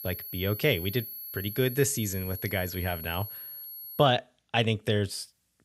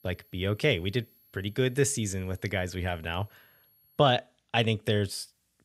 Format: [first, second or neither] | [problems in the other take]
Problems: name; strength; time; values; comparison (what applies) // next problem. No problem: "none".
second | high-pitched whine; loud; until 4 s; 11.5 kHz, 9 dB below the speech; faint in the second